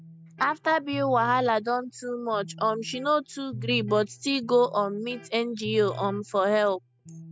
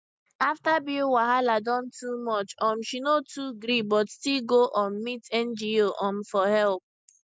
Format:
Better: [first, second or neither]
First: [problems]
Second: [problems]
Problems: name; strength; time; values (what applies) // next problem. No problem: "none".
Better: second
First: background sound (Electric guitar); 16 dB below the speech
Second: none